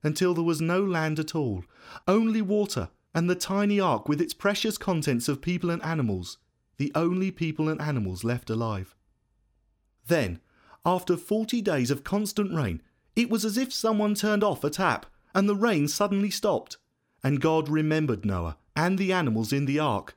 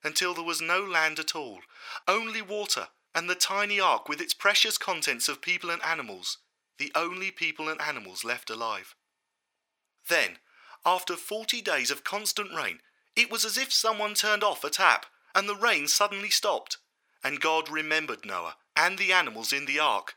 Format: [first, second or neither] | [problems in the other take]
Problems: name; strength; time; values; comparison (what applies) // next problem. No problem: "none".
first | thin; very; fading below 850 Hz